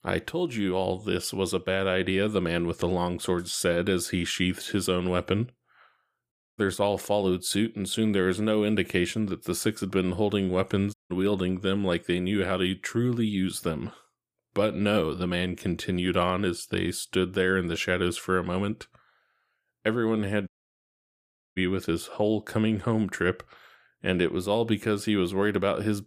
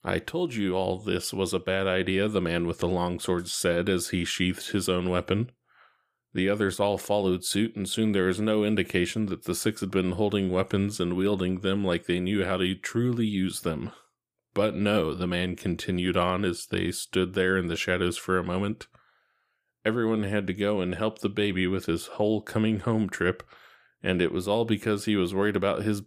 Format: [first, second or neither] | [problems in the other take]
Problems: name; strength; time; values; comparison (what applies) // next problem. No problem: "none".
second | audio cutting out; at 6.5 s, at 11 s and at 20 s for 1 s